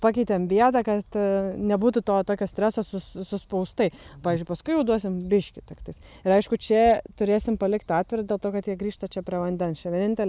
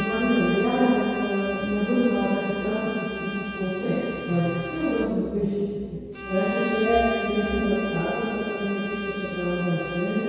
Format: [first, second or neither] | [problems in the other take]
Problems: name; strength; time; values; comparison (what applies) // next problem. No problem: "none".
first | background sound (Bowed string instrument); 9 dB below the speech // room echo; dies away in 2 s